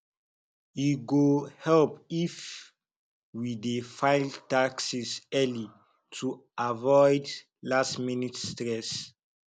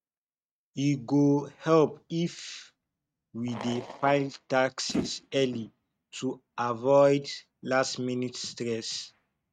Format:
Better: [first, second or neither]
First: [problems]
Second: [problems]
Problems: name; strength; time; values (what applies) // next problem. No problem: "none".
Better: first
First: none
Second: noise reduction (neural mask model RNNoise)